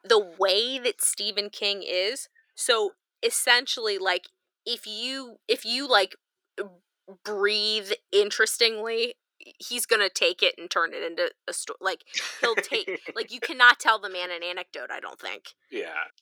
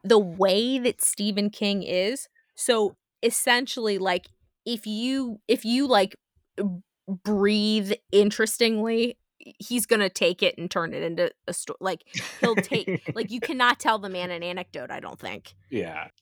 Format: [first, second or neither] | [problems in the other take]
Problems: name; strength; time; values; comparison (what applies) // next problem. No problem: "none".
second | thin; very; fading below 350 Hz